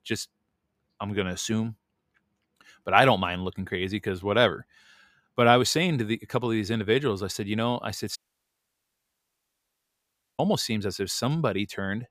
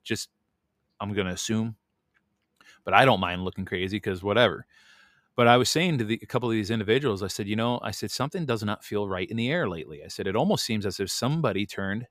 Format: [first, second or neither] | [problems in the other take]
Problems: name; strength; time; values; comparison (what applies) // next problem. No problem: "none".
second | audio cutting out; at 8 s for 2 s